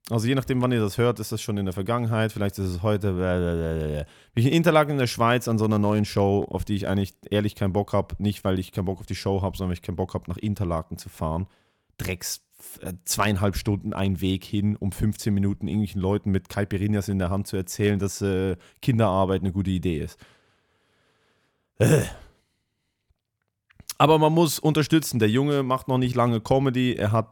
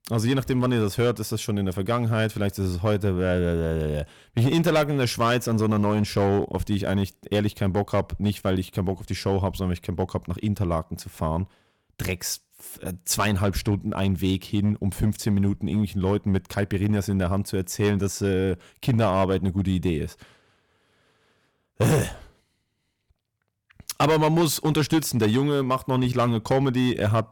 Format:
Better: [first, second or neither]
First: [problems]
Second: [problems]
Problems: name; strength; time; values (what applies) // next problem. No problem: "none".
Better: first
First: none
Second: distortion; slight; 5% of the sound clipped